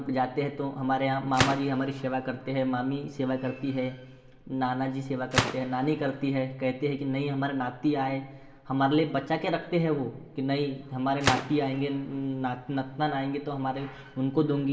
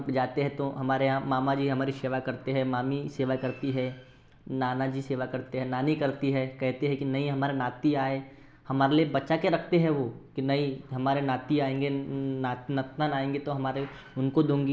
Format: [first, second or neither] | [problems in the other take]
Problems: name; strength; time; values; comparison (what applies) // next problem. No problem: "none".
second | background sound (Gunshot, gunfire); 9 dB below the speech // room echo; dies away in 1.3 s